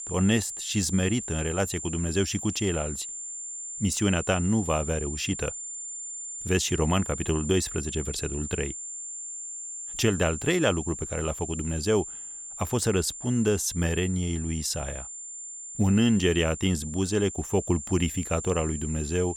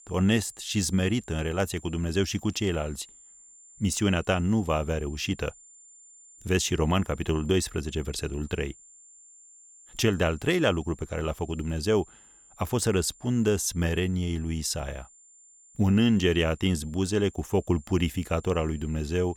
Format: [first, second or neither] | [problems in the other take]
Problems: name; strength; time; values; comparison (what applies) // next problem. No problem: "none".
second | high-pitched whine; loud; throughout; 7.5 kHz, 8 dB below the speech; faint in the second